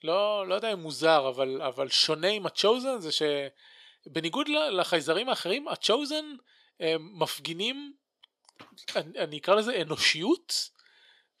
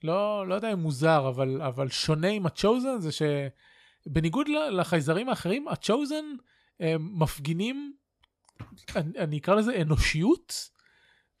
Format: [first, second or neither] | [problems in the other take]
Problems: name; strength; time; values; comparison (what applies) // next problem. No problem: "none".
second | thin; somewhat; fading below 400 Hz